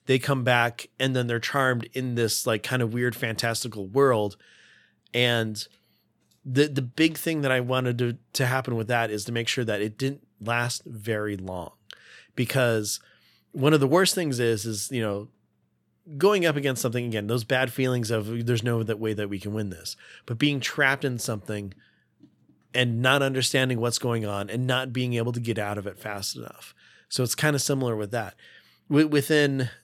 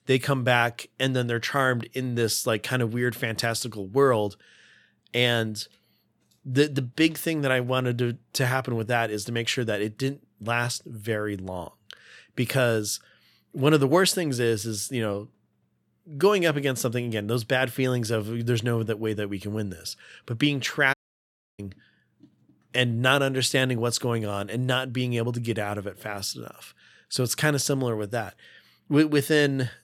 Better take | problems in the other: first | audio cutting out; at 21 s for 0.5 s

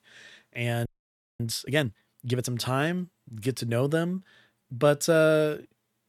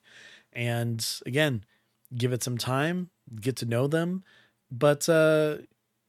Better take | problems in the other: second | audio freezing; at 1 s for 0.5 s

